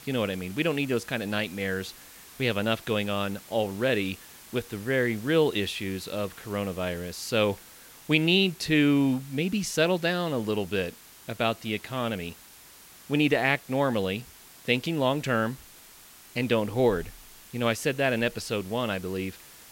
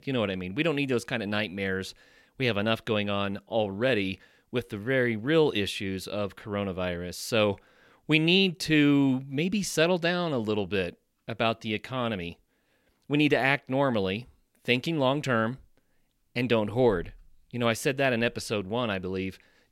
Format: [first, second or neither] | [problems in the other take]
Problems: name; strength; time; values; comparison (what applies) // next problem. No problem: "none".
second | hiss; noticeable; throughout; 20 dB below the speech